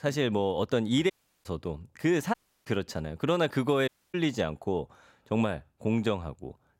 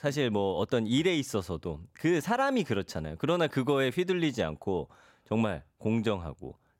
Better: second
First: audio cutting out; at 1 s, at 2.5 s and at 4 s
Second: none

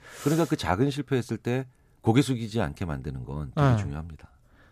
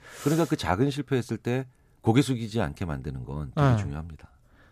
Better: neither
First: none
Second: none

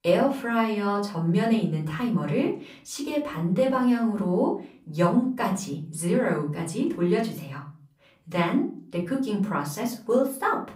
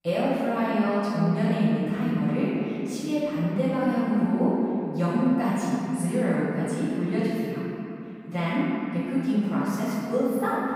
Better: first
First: room echo; slight; dies away in 0.4 s // off-mic speech; far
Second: room echo; strong; dies away in 2.8 s // off-mic speech; far

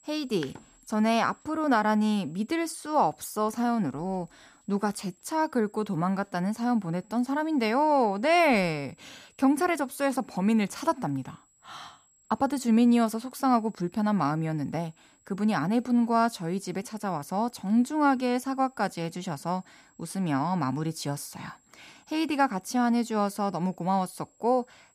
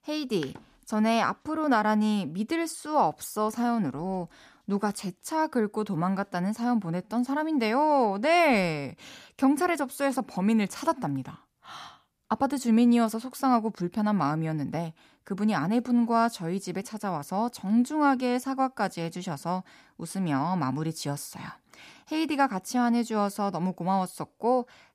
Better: second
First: high-pitched whine; faint; throughout; 7.5 kHz, 35 dB below the speech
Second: none

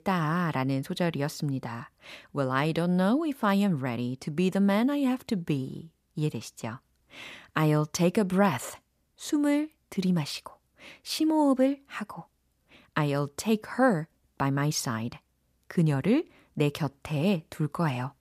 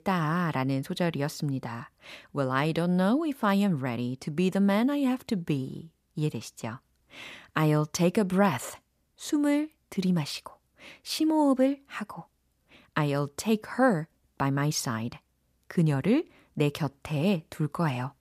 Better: neither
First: none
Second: none

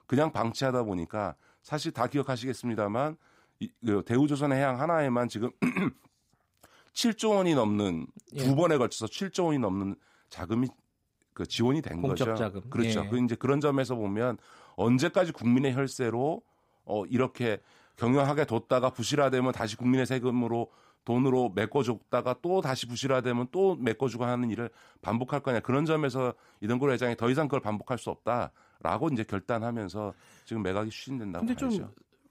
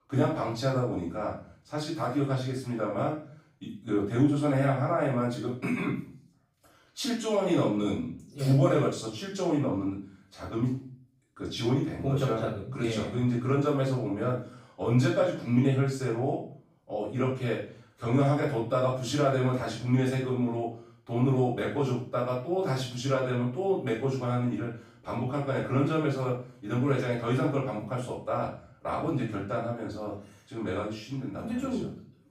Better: first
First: none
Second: off-mic speech; far // room echo; noticeable; dies away in 0.5 s

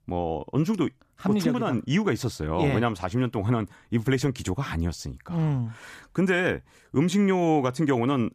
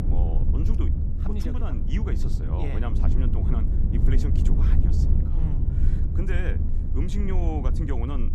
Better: first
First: none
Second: low rumble; loud; throughout; 2 dB below the speech

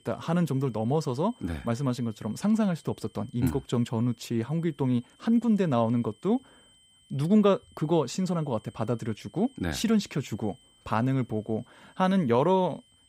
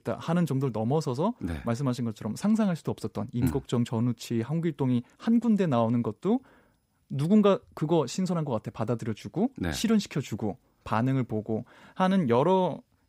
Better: second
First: high-pitched whine; faint; throughout; 3 kHz, 30 dB below the speech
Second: none

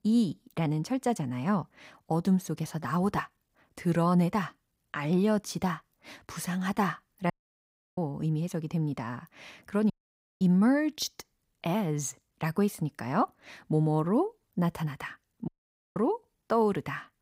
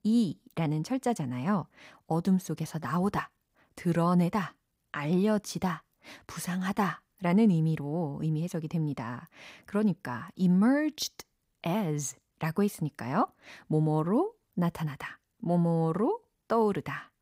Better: second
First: audio cutting out; at 7.5 s for 0.5 s, at 10 s for 0.5 s and at 15 s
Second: none

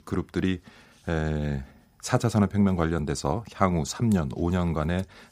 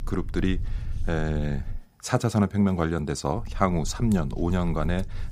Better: first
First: none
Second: low rumble; faint; until 2 s and from 3.5 s on; 25 dB below the speech

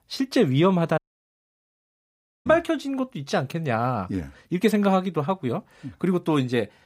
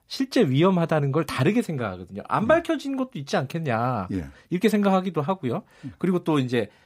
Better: second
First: audio cutting out; at 1 s for 1.5 s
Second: none

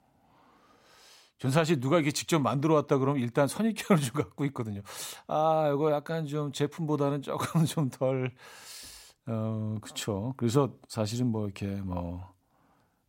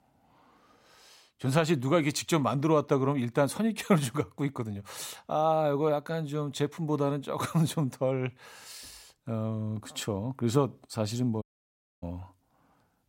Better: first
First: none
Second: audio cutting out; at 11 s for 0.5 s

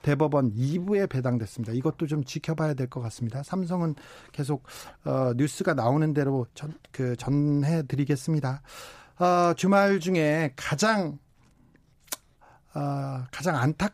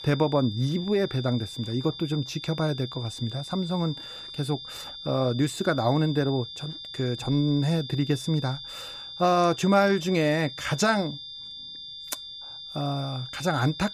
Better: first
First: none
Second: high-pitched whine; noticeable; throughout; 3.5 kHz, 10 dB below the speech

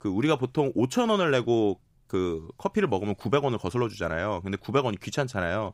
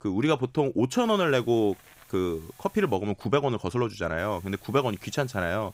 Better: first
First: none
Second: hiss; faint; from 1 to 3 s and from 4 s on; 25 dB below the speech

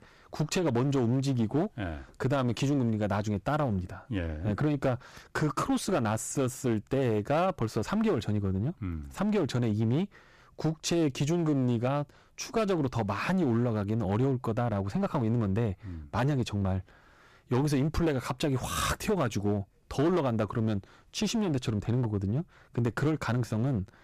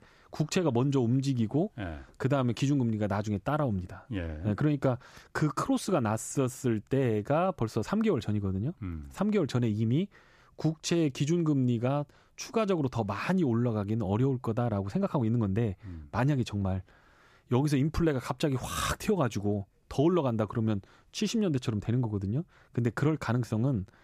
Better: second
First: distortion; slight; 12% of the sound clipped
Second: none

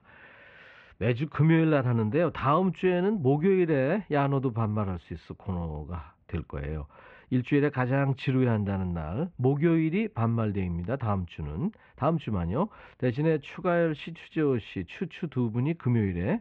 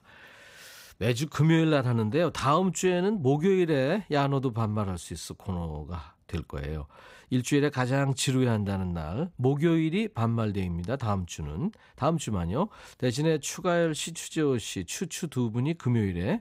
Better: second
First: muffled; very; fading above 2.5 kHz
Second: none

